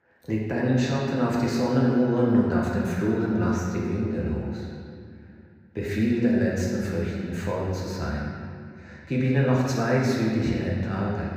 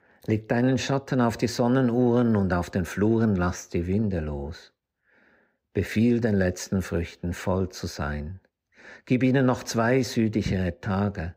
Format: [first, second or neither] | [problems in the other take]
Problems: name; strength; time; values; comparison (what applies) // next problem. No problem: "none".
second | room echo; noticeable; dies away in 1.9 s // off-mic speech; far